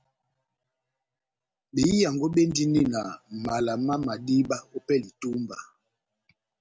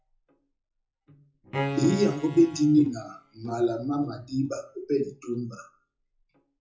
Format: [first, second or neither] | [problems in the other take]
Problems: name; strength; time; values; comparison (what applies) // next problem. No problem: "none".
first | noise reduction (classical method WPE with log-MMSE)